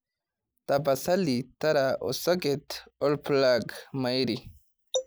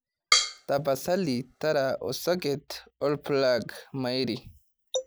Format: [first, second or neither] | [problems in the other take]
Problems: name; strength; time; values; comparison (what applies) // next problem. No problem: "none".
first | background sound (Drum kit); 2 dB below the speech